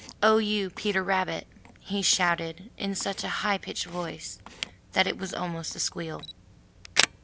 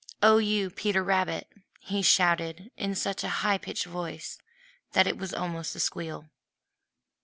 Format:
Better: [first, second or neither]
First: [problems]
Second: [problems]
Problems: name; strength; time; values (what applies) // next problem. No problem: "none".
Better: second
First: background sound (Camera); 8 dB below the speech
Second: none